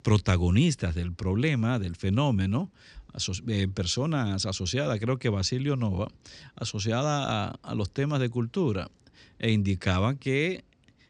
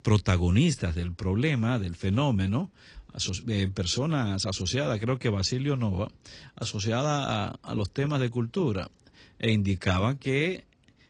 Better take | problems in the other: first | garbled, watery; slightly

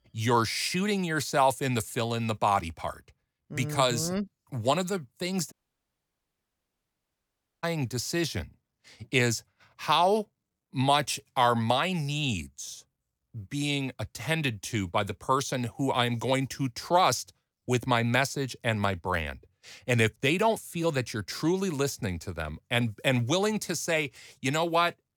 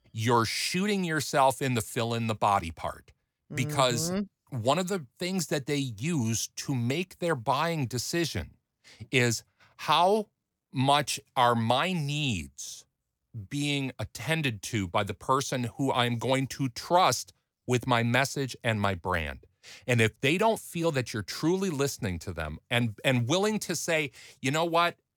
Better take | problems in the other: second | audio cutting out; at 5.5 s for 2 s

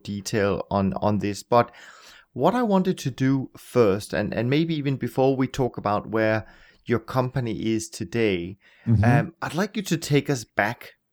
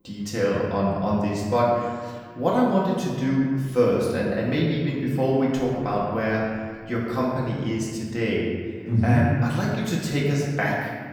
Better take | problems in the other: first | room echo; noticeable; dies away in 1.5 s // off-mic speech; far

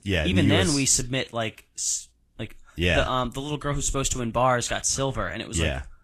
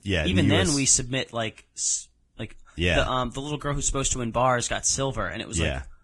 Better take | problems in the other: first | garbled, watery; badly; slightly in the first

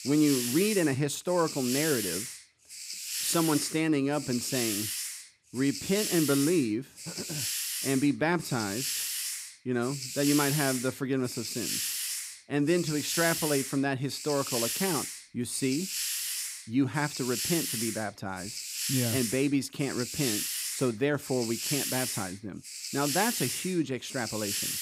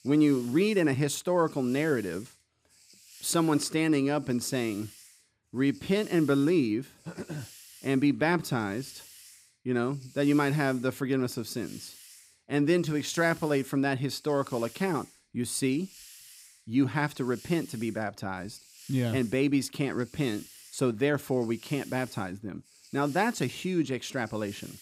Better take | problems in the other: second | hiss; loud; throughout; 2 dB below the speech; faint in the second

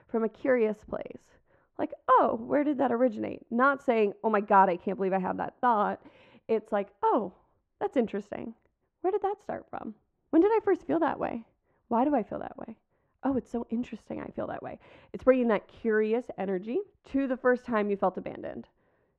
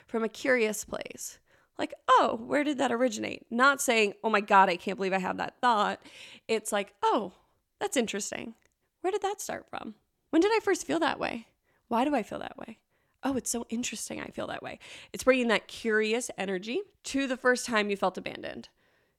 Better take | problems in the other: second | muffled; very; fading above 3.5 kHz

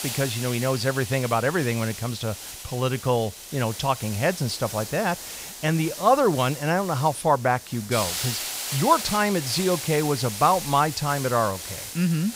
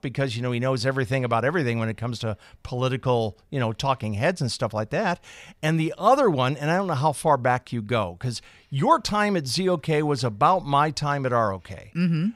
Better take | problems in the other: second | hiss; loud; throughout; 8 dB below the speech

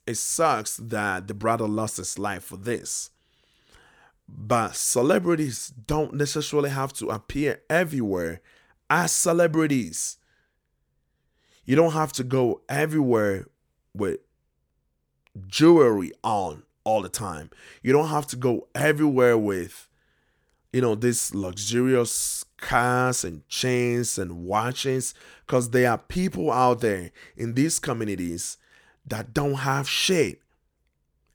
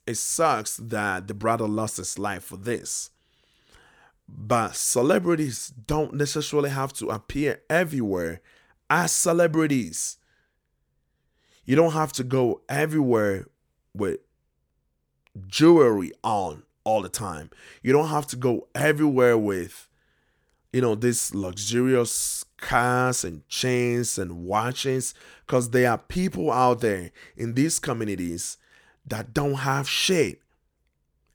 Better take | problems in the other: neither | none

